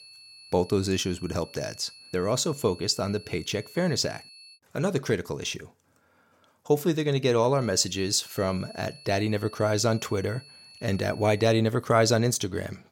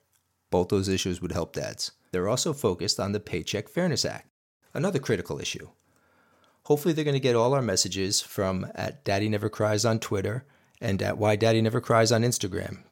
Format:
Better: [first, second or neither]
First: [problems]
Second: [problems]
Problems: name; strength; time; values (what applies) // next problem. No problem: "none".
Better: second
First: high-pitched whine; faint; until 4.5 s and from 7.5 to 11 s; 4.5 kHz, 20 dB below the speech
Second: none